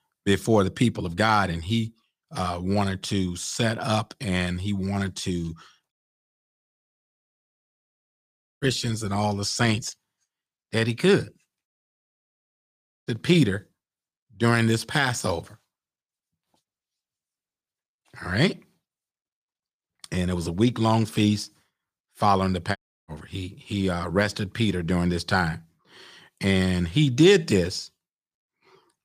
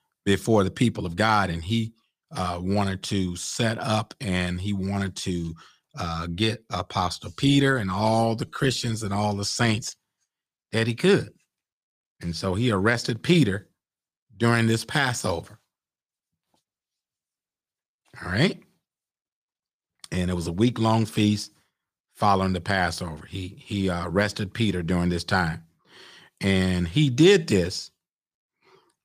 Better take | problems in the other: second | audio cutting out; at 6 s for 2.5 s, at 12 s for 1.5 s and at 23 s

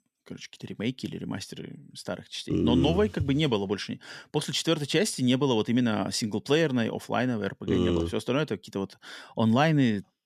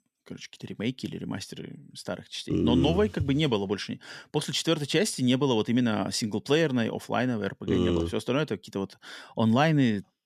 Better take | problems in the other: neither | none

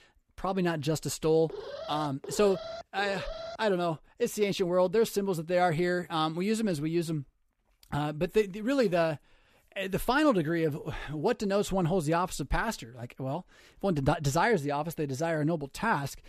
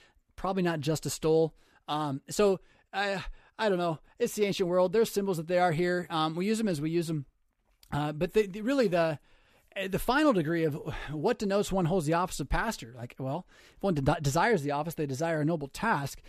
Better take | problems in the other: second | alarm; faint; from 1.5 to 3.5 s; peak 10 dB below the speech

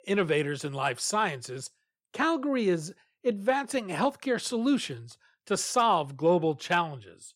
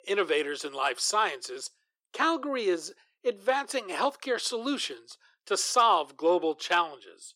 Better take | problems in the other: first | thin; somewhat; fading below 350 Hz

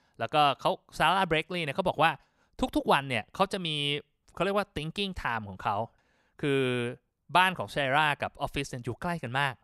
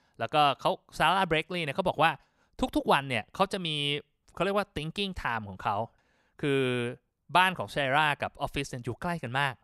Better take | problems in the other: neither | none

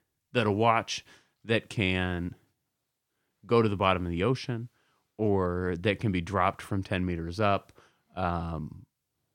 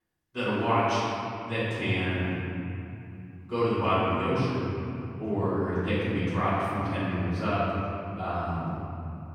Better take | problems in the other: first | off-mic speech; far // room echo; strong; dies away in 3 s

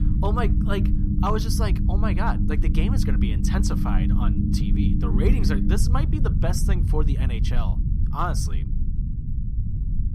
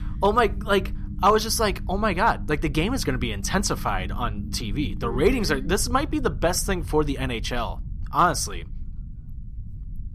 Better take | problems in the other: second | low rumble; loud; throughout; 4 dB below the speech; faint in the second

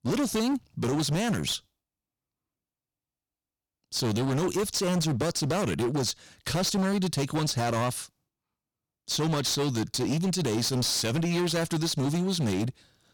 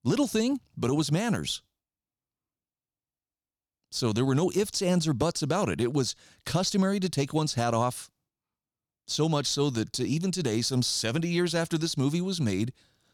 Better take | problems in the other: second | distortion; heavy; 19% of the sound clipped

